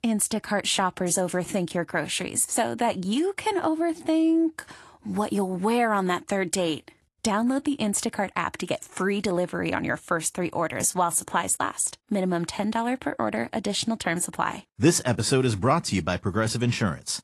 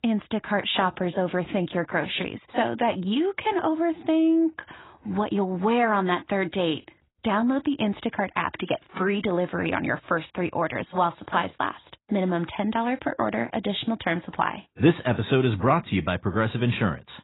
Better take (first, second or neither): first